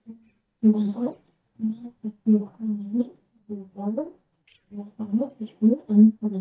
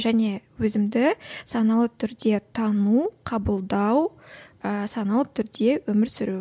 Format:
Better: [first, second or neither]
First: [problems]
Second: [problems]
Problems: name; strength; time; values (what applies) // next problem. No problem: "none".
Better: second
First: noise reduction (neural mask model DeepFilterNet 3)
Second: none